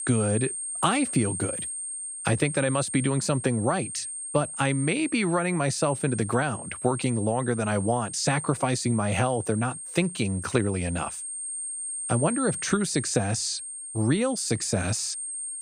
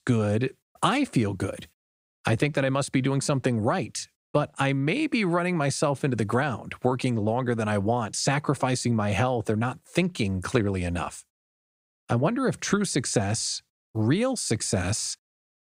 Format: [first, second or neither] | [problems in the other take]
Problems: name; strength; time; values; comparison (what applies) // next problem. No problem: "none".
second | high-pitched whine; loud; throughout; 8.5 kHz, 7 dB below the speech